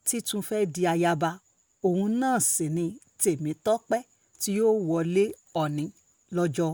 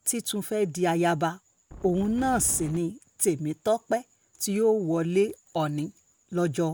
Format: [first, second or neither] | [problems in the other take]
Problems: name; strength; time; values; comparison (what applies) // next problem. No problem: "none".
first | background sound (Wind); 14 dB below the speech